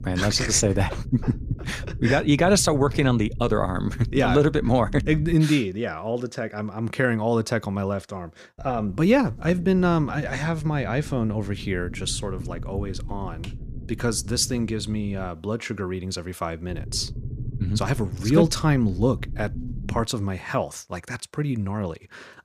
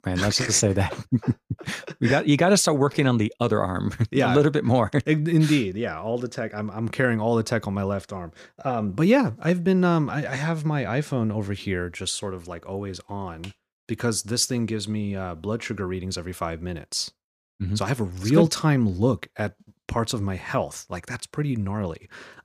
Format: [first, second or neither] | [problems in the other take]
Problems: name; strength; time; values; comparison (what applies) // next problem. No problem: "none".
second | low rumble; faint; until 5.5 s, from 8.5 to 15 s and from 17 to 20 s; 20 dB below the speech